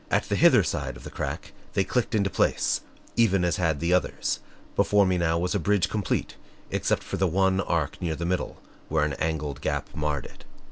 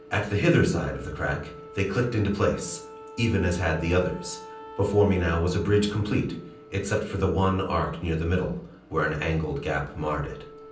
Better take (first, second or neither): first